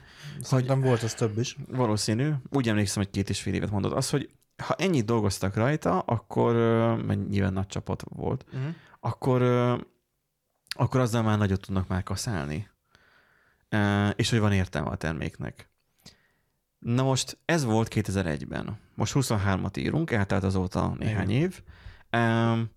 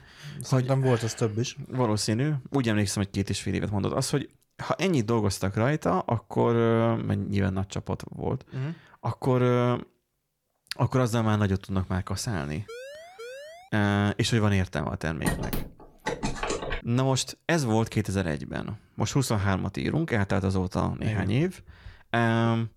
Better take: first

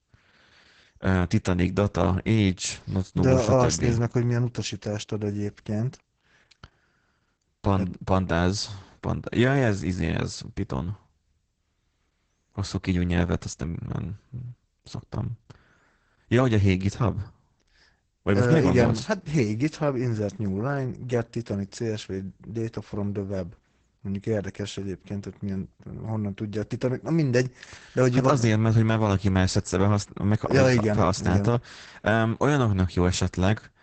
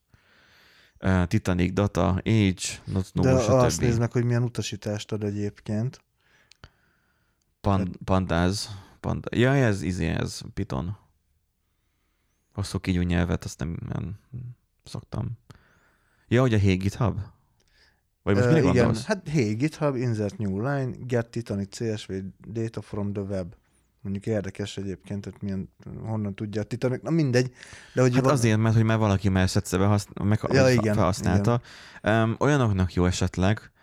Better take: second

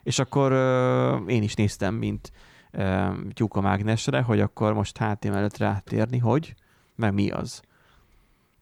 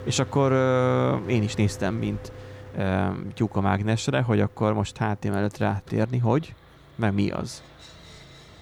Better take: first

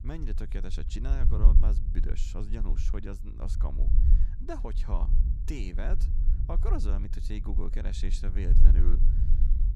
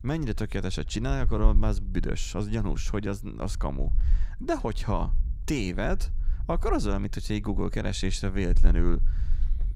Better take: second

